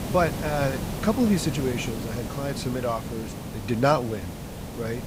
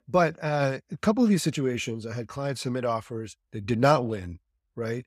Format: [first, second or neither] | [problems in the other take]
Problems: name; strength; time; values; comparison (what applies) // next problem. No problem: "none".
second | hiss; loud; throughout; 7 dB below the speech